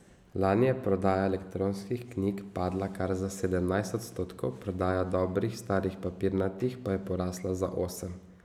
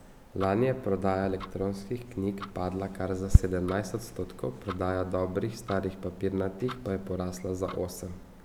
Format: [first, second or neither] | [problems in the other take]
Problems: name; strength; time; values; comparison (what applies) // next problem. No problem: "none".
first | background sound (Tick-tock); 3 dB below the speech